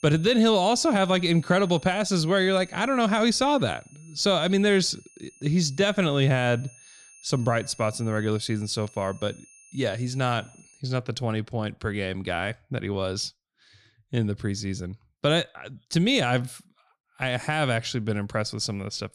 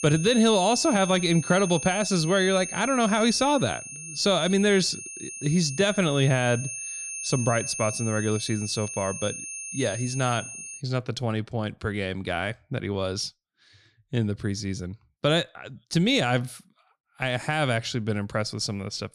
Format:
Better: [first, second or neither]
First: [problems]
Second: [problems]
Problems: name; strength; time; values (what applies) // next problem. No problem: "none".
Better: first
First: high-pitched whine; faint; until 11 s; 6.5 kHz, 25 dB below the speech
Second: high-pitched whine; loud; until 11 s; 6.5 kHz, 8 dB below the speech